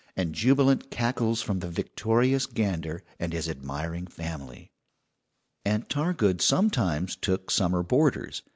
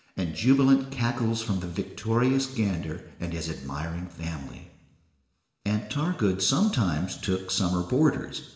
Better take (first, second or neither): first